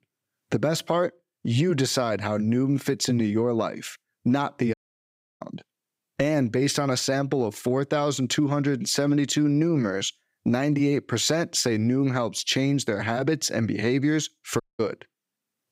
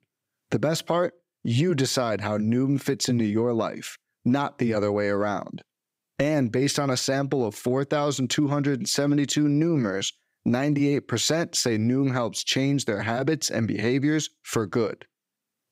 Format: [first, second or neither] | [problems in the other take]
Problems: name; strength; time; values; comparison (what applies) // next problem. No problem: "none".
second | audio cutting out; at 4.5 s for 0.5 s and at 15 s